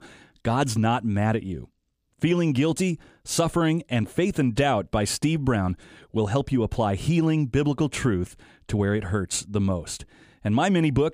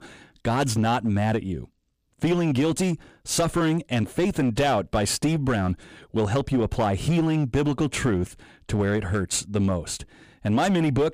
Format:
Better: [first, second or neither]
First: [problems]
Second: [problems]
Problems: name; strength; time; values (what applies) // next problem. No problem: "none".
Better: first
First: none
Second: distortion; slight; 9% of the sound clipped